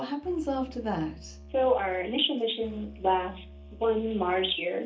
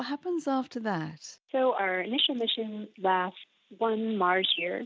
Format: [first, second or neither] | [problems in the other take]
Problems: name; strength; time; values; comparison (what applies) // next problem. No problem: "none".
second | background sound (Musical instrument); 18 dB below the speech // room echo; dies away in 0.3 s